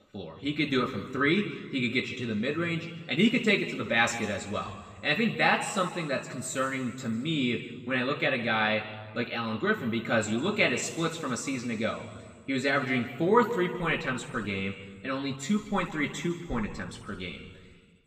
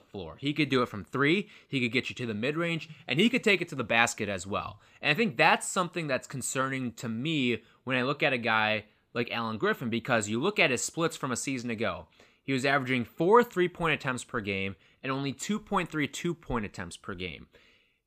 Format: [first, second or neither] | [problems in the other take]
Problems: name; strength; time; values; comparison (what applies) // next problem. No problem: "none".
second | room echo; noticeable; dies away in 1.6 s // off-mic speech; far